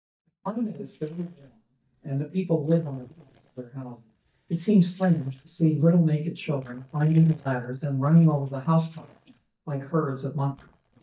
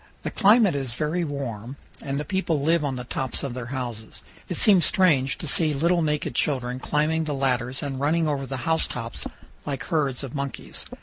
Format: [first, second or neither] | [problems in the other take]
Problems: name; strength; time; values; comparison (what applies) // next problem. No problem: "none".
second | noise reduction (neural mask model DeepFilterNet 3)